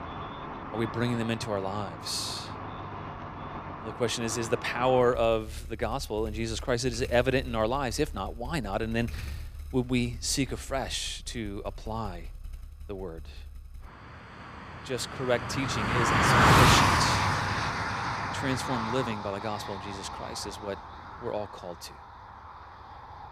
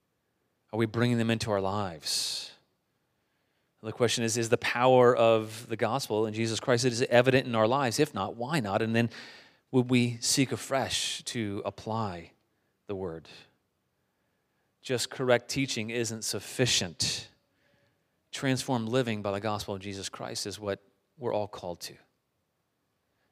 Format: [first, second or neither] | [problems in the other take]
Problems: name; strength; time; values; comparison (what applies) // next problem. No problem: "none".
second | traffic noise; very loud; throughout; 2 dB above the speech